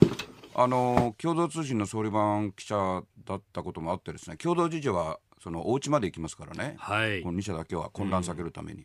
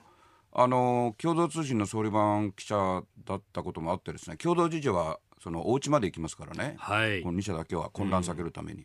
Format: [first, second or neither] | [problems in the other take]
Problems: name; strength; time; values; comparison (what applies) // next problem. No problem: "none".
second | footsteps; loud; at the start; peak 5 dB above the speech